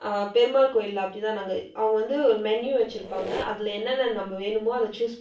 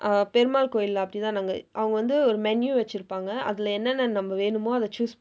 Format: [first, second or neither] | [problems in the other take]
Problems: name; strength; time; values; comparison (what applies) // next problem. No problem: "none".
second | background sound (Squeak); 15 dB below the speech // room echo; dies away in 0.3 s